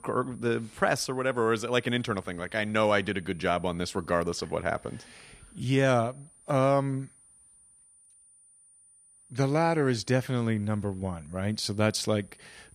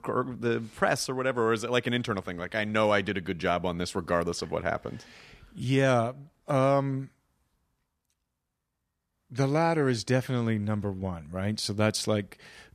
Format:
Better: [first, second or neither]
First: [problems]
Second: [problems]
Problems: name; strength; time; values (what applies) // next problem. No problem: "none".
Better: second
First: high-pitched whine; faint; throughout; 9.5 kHz, 25 dB below the speech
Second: none